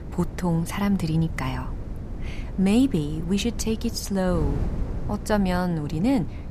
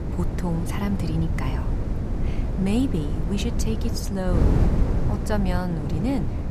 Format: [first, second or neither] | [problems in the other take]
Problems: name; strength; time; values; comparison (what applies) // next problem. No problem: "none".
first | wind noise on the microphone; heavy; 3 dB below the speech; occasional gusts in the first